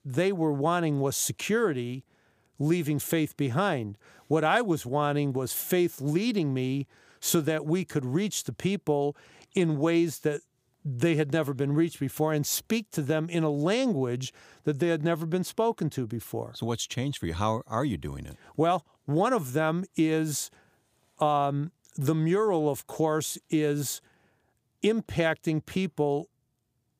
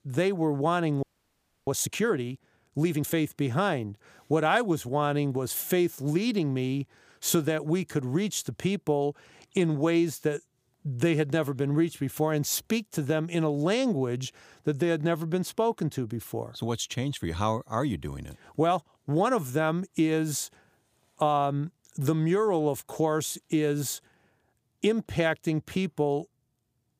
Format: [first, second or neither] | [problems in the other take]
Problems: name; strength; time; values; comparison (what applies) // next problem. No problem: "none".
first | audio freezing; at 1 s for 0.5 s